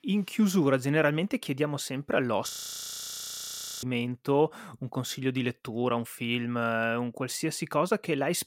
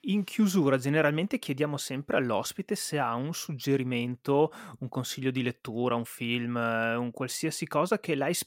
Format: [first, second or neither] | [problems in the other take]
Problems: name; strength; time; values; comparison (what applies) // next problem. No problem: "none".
second | audio freezing; at 2.5 s for 1.5 s